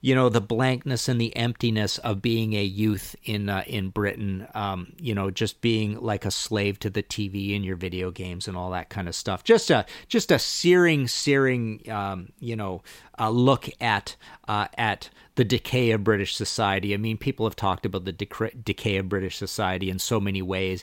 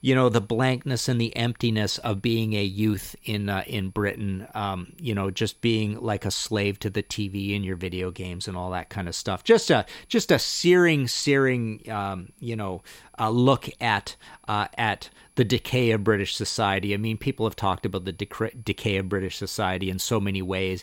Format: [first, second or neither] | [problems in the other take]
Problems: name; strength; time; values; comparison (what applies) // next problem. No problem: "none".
first | high-pitched whine; faint; throughout; 10.5 kHz, 35 dB below the speech